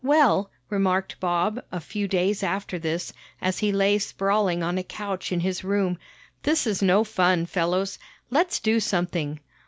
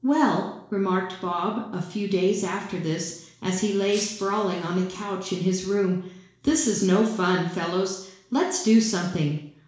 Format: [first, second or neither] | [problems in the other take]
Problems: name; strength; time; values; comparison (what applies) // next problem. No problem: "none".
first | noise reduction (neural separator model SepFormer DNS4)